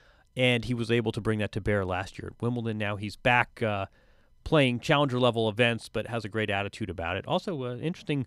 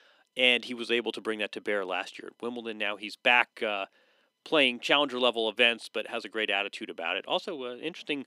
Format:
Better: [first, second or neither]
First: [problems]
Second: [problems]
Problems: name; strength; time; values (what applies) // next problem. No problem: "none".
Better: first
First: none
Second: thin; somewhat; fading below 250 Hz